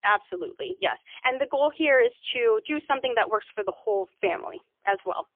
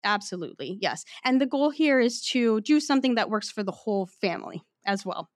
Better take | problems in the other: second | phone-call audio; poor line; nothing above 3.5 kHz

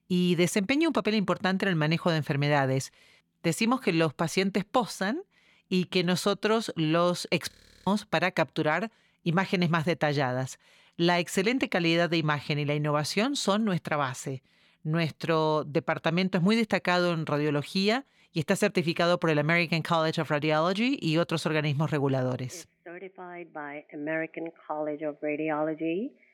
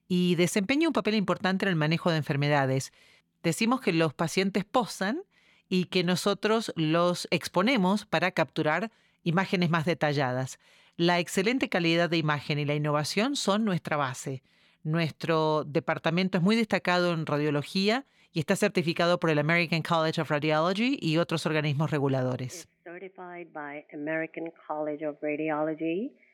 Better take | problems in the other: second | audio freezing; at 7.5 s

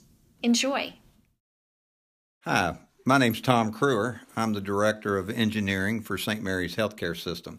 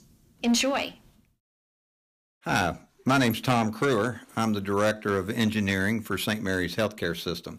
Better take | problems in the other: first | distortion; slight; 4% of the sound clipped

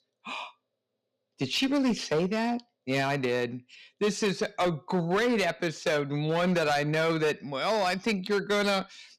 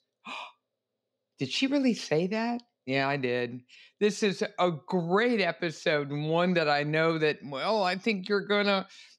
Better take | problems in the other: second | distortion; slight; 9% of the sound clipped

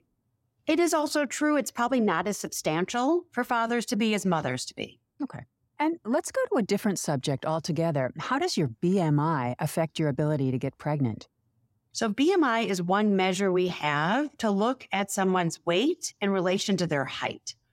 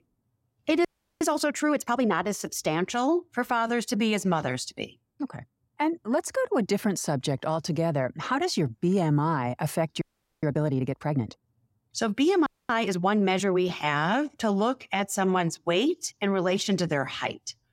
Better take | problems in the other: first | audio freezing; at 1 s, at 10 s and at 12 s

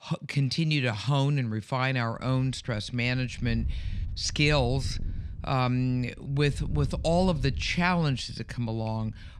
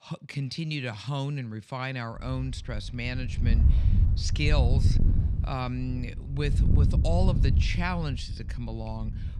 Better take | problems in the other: first | wind noise on the microphone; heavy; from 2 s on; 7 dB below the speech; occasional gusts in the first

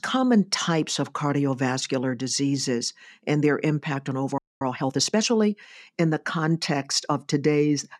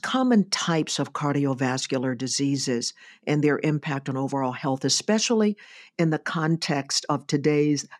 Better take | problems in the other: second | audio freezing; at 4.5 s

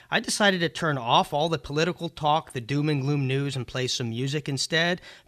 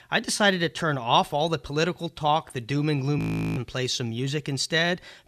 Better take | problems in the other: first | audio freezing; at 3 s

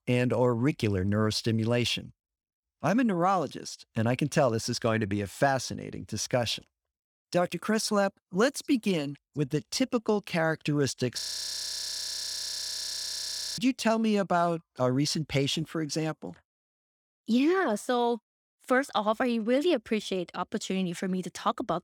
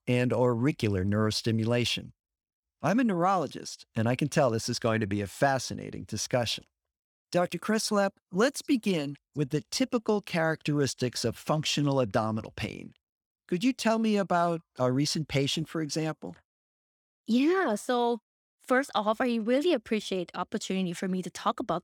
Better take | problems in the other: second | audio freezing; at 11 s for 2.5 s

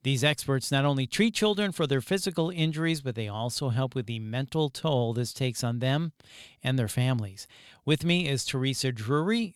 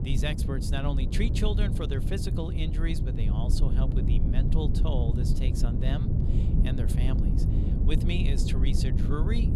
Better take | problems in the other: first | low rumble; loud; throughout; 2 dB below the speech

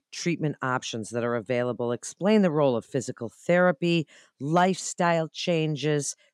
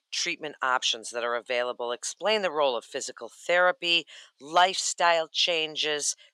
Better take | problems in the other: first | thin; very; fading below 750 Hz

